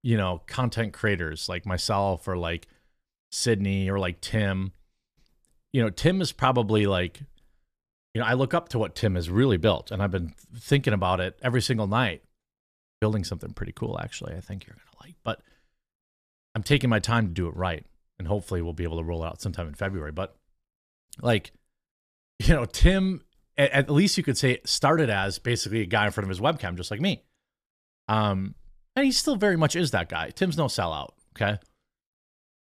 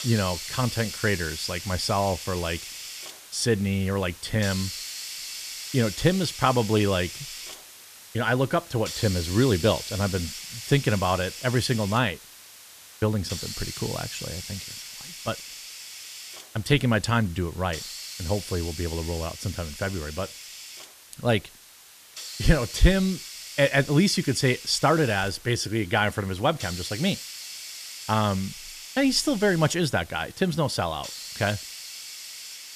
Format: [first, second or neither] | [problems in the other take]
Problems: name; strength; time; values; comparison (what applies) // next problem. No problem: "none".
first | hiss; noticeable; throughout; 10 dB below the speech